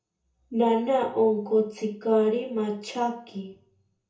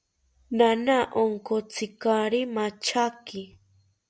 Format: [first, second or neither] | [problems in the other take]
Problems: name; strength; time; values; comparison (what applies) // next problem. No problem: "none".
second | room echo; dies away in 0.6 s